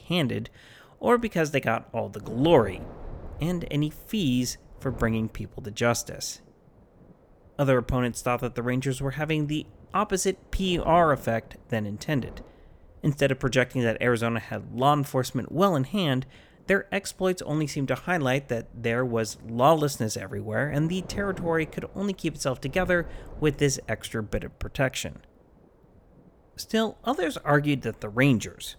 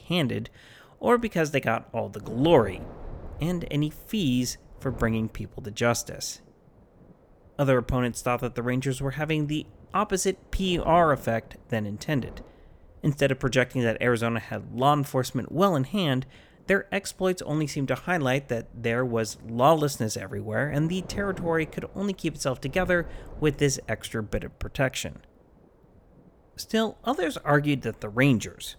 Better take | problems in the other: neither | wind noise on the microphone; occasional gusts; 25 dB below the speech; the same in both

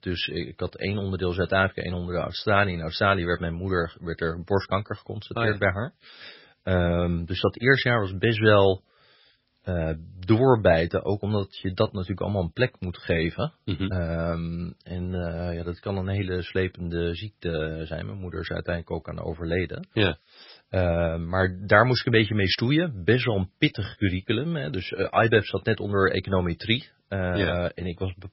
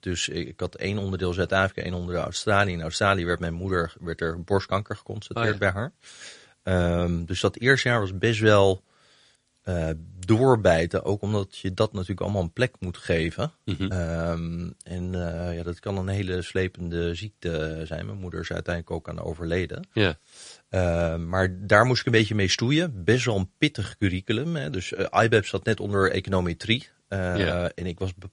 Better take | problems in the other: second | garbled, watery; badly; nothing above 5.5 kHz; slightly in the second

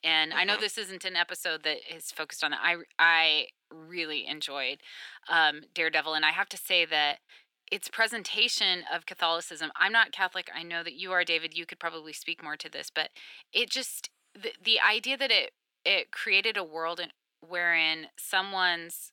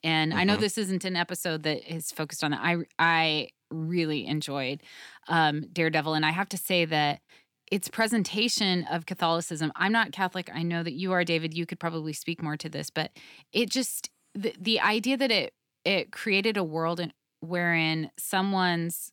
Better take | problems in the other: second | thin; very; fading below 550 Hz

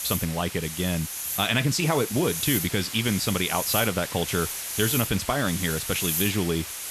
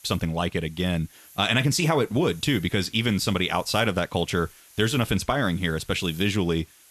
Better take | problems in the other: second | hiss; loud; throughout; 3 dB below the speech; faint in the second

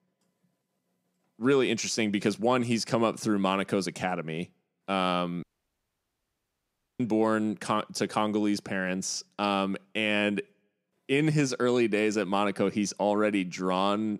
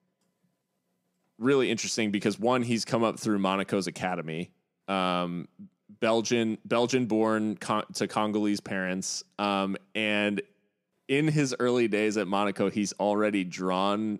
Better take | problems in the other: second | audio cutting out; at 5.5 s for 1.5 s

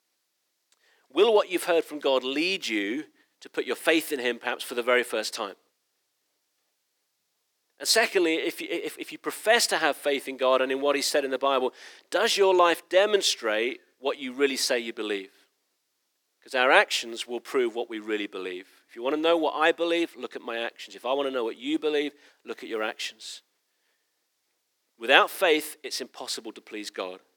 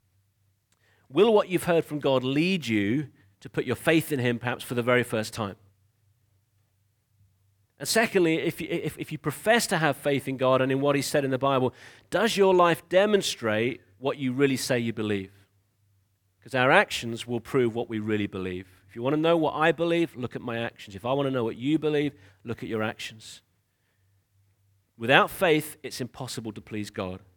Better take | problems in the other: second | thin; somewhat; fading below 300 Hz

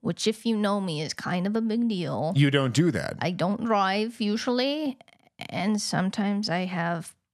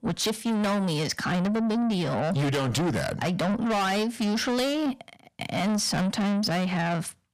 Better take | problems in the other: first | distortion; heavy; 6 dB below the speech

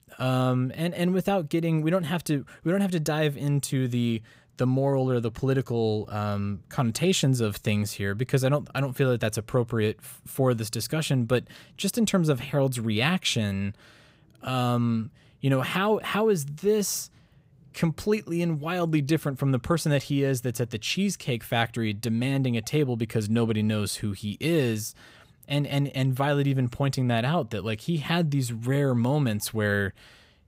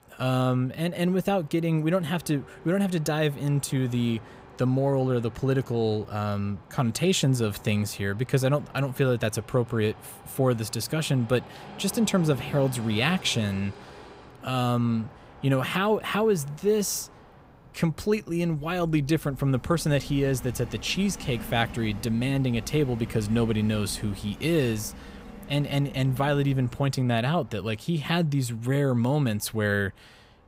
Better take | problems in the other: first | train or aircraft noise; noticeable; throughout; 20 dB below the speech

